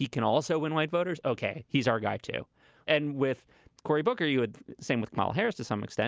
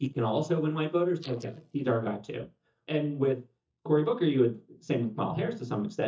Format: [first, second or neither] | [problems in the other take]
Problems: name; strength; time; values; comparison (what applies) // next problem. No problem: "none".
first | noise reduction (neural mask model DeepFilterNet 3)